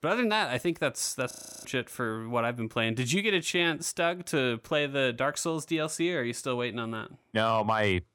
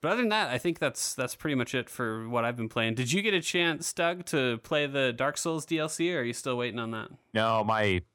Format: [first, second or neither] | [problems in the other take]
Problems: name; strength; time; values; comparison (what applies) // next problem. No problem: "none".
second | audio freezing; at 1.5 s